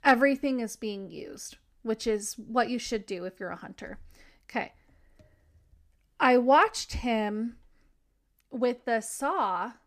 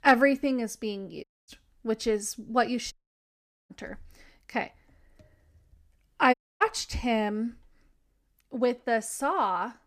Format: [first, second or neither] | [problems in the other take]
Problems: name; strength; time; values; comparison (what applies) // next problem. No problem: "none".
first | audio cutting out; at 1 s, at 3 s for 1 s and at 6.5 s